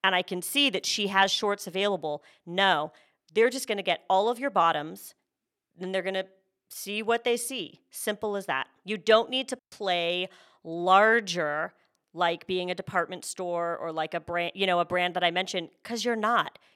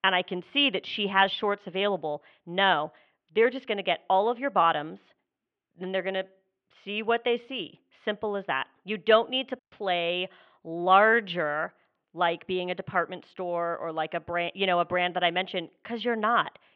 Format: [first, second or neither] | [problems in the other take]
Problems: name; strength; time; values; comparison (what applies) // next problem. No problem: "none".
first | muffled; very; fading above 3 kHz